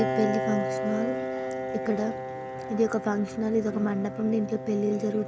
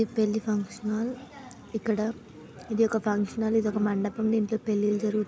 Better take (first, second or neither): second